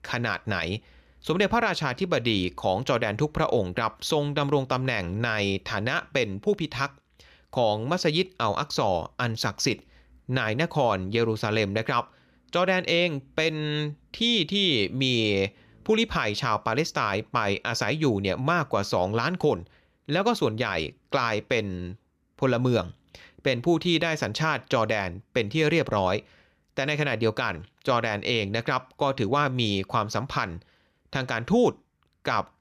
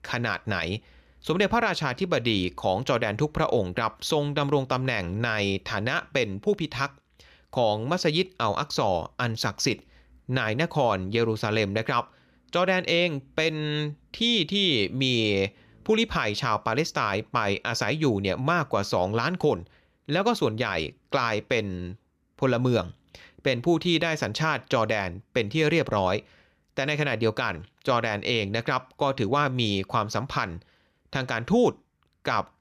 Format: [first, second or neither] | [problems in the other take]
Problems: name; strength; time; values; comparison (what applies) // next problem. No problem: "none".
neither | none